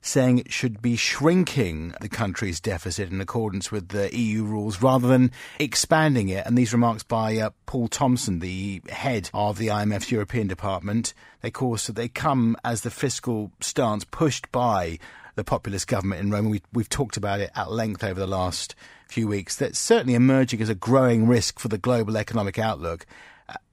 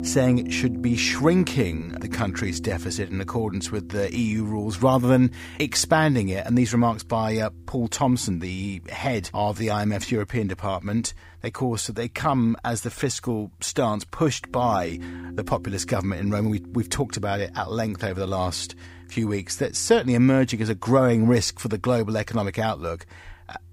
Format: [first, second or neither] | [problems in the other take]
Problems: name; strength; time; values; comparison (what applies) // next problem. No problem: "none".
first | background music; noticeable; throughout; 15 dB below the speech